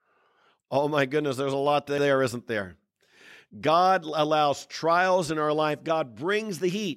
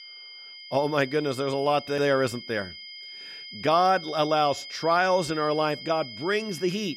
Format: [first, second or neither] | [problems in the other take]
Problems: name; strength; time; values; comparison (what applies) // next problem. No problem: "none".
first | high-pitched whine; noticeable; throughout; 5 kHz, 15 dB below the speech